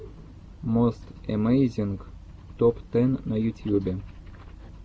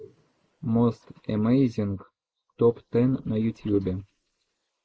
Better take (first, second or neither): first